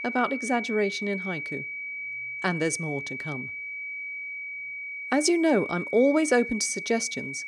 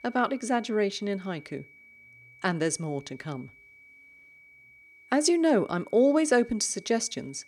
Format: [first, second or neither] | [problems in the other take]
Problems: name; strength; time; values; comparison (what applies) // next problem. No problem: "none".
second | high-pitched whine; loud; throughout; 2.5 kHz, 7 dB below the speech; faint in the second